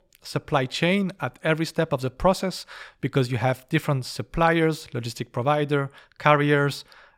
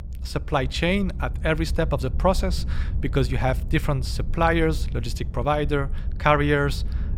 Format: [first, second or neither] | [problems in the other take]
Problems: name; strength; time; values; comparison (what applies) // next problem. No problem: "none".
first | low rumble; faint; throughout; 20 dB below the speech